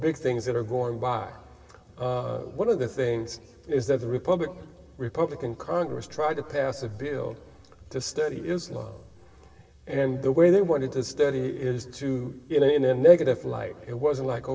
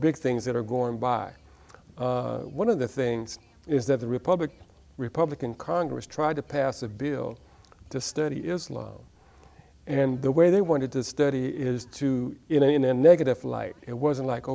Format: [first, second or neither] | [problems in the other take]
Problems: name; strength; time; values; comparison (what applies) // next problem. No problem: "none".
second | room echo; dies away in 2.9 s